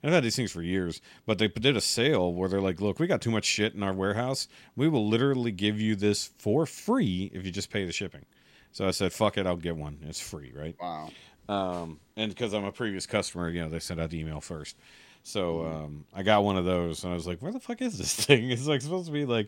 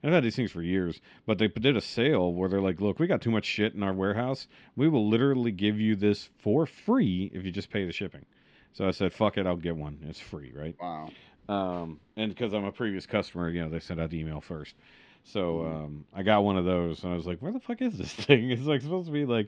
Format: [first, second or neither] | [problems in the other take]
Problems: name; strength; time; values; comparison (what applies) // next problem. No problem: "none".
first | muffled; slightly; fading above 3.5 kHz